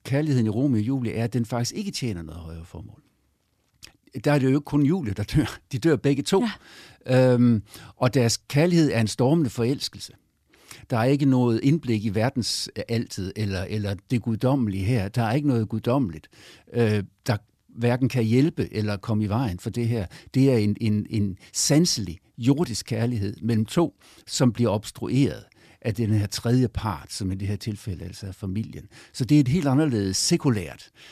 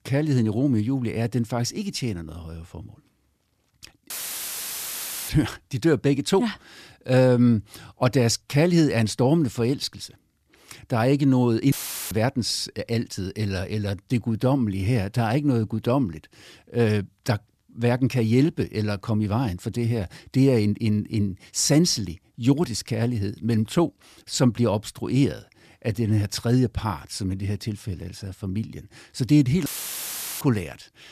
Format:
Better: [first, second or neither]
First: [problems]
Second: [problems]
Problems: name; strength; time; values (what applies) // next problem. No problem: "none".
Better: first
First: none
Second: audio cutting out; filled with static; at 4 s for 1 s, at 12 s and at 30 s for 1 s